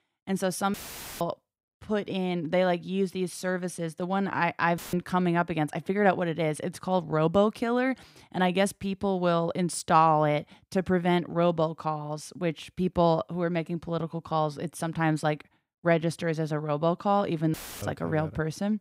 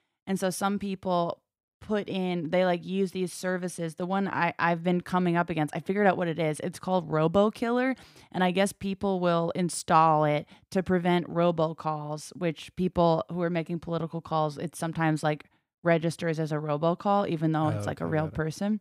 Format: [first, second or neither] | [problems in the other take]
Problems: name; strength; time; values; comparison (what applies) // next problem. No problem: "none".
second | audio cutting out; filled with static; at 0.5 s, at 5 s and at 18 s